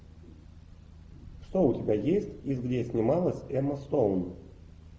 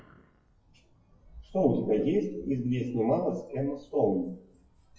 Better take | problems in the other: first | noise reduction (classical method WPE with log-MMSE)

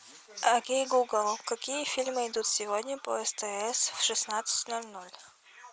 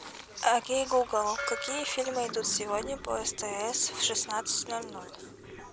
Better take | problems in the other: first | background sound (Sink (filling or washing) + Gong); 12 dB below the speech

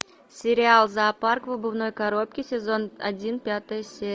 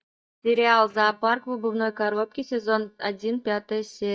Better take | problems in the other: first | noise reduction (neural mask model DeepFilterNet 3)

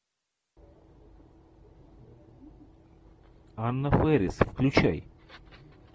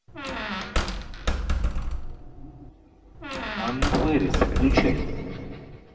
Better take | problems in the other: first | background sound (Squeak); 1 dB above the speech // room echo; dies away in 1.7 s

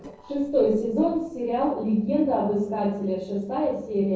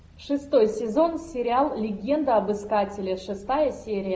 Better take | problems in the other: second | noise reduction (neural separator model SepFormer DNS4)

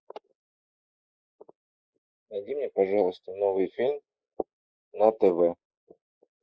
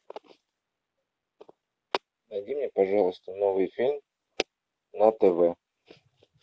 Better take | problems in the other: second | noise reduction (neural mask model Resemble Enhance denoiser)

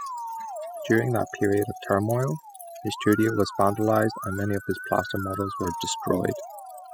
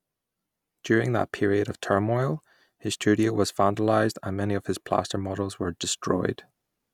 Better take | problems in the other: second | noise reduction (classical method spectral subtraction)

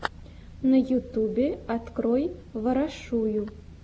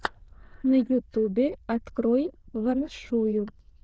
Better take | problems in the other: first | noise reduction (neural diffusion model UNIVERSE++)

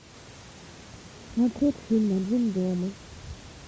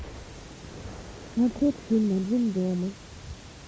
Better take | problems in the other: first | background sound (Explosion); 17 dB below the speech

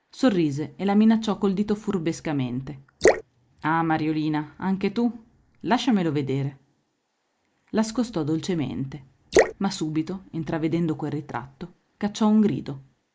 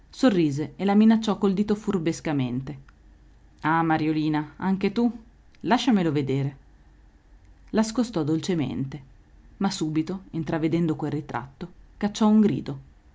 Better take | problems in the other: second | noise reduction (neural mask model Resemble Enhance denoiser)

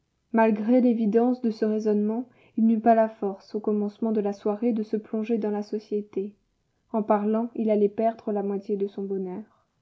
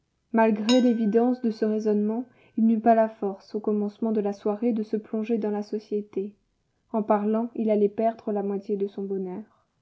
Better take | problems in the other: first | background sound (Dishes, pots, and pans); 18 dB below the speech

